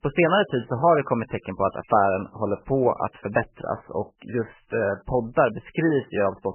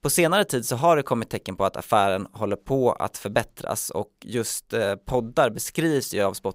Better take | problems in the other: second | garbled, watery; badly; nothing above 3 kHz

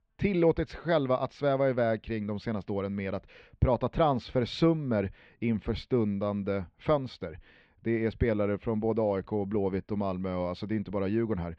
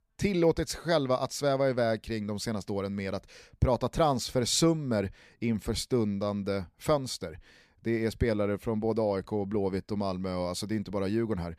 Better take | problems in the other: second | muffled; slightly; fading above 3 kHz

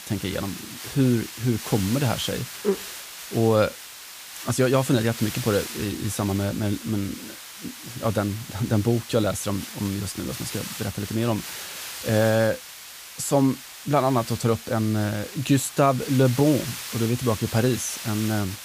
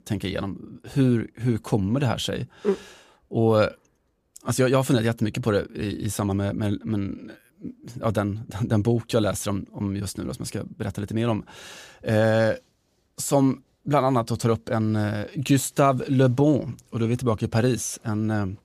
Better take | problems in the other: second | hiss; noticeable; throughout; 10 dB below the speech

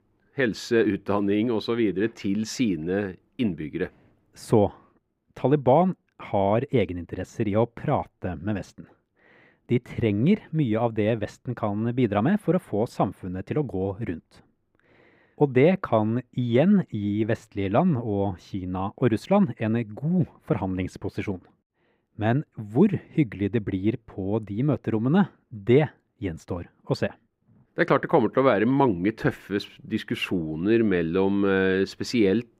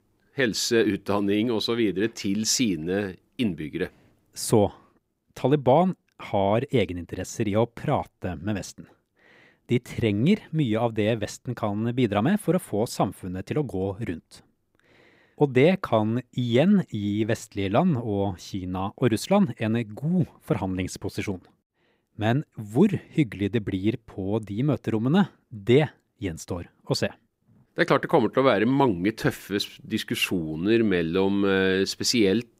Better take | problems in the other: second | muffled; slightly; fading above 3.5 kHz

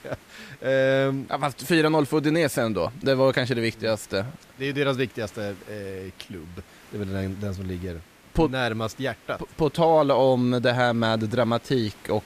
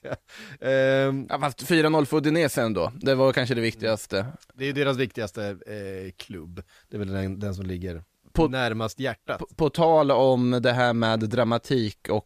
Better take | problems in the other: second | hiss; faint; throughout; 25 dB below the speech

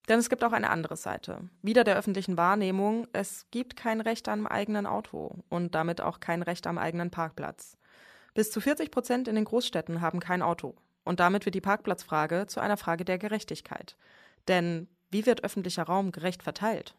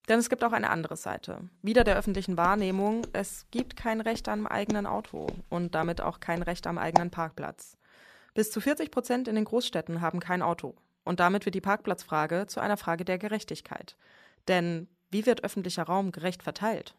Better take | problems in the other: first | footsteps; loud; from 2 to 7 s; peak 2 dB above the speech

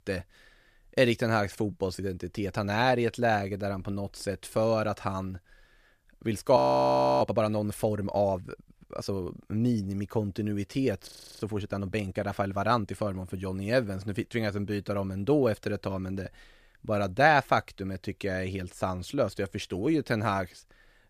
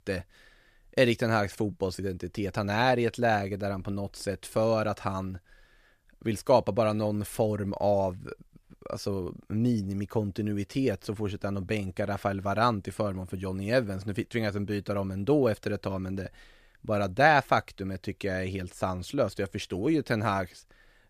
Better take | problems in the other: second | audio freezing; at 6.5 s for 0.5 s and at 11 s

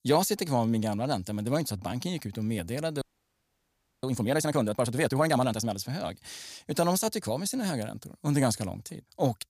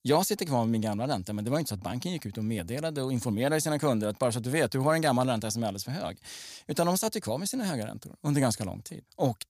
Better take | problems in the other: second | audio freezing; at 3 s for 1 s

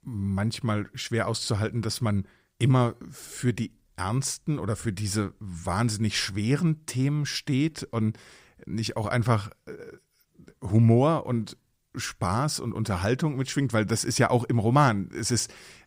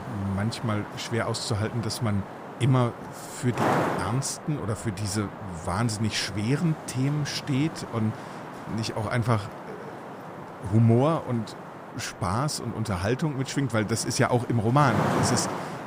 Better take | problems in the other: first | wind noise on the microphone; heavy; 5 dB below the speech

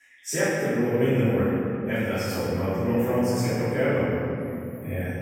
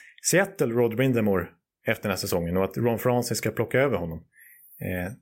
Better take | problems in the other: second | off-mic speech; far // room echo; strong; dies away in 3 s

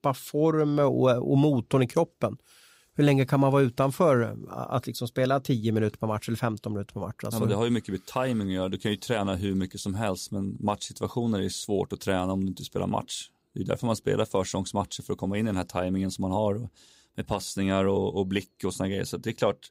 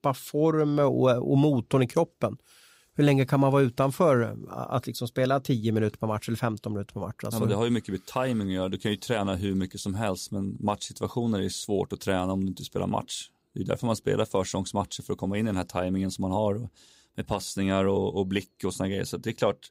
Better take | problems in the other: neither | none

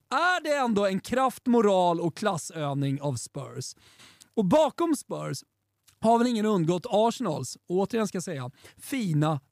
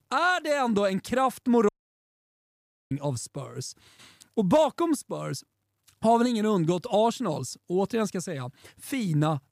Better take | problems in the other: first | audio cutting out; at 1.5 s for 1 s

